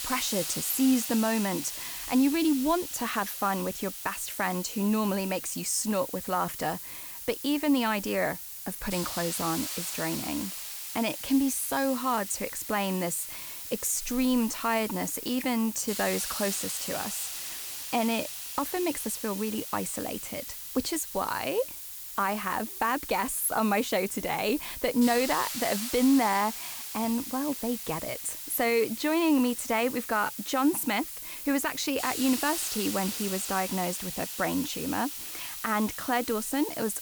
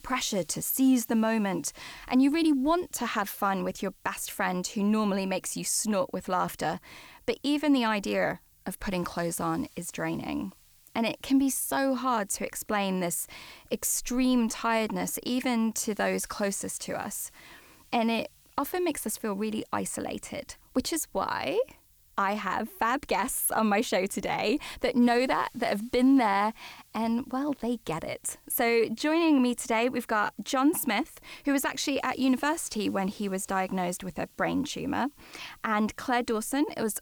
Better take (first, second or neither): second